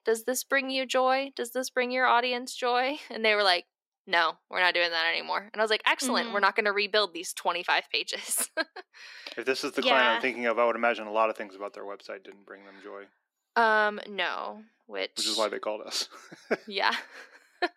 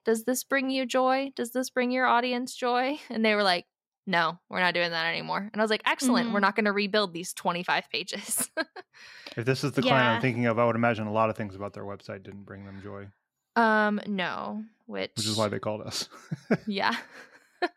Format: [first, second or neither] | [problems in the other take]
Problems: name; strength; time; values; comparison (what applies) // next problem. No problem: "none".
second | thin; somewhat; fading below 300 Hz